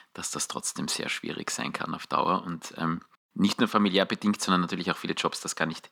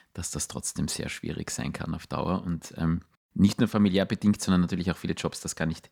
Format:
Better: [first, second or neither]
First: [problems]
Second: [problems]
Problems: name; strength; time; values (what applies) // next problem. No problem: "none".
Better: second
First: thin; somewhat; fading below 250 Hz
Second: none